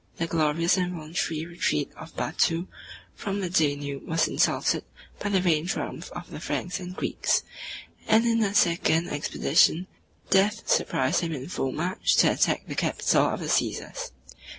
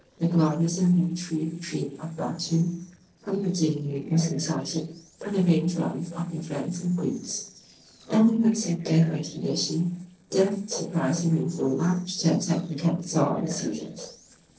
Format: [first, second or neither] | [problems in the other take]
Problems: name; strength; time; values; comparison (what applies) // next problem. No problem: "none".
first | noise reduction (neural separator model SepFormer DNS4)